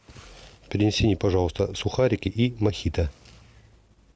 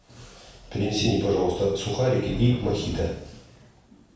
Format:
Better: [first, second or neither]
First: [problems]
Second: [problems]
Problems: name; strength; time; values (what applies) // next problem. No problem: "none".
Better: first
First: none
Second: background sound (Thunder / Rain); 14 dB below the speech // room echo; dies away in 0.7 s